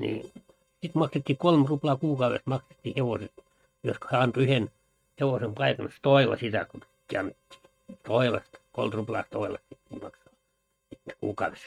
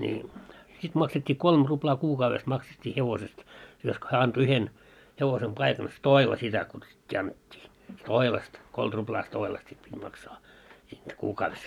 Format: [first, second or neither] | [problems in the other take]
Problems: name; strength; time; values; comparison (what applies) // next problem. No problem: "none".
second | noise reduction (neural mask model RNNoise)